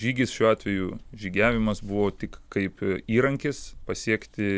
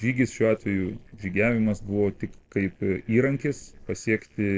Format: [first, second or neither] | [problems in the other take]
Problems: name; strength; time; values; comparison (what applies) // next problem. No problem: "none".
first | noise reduction (neural separator model SepFormer DNS4)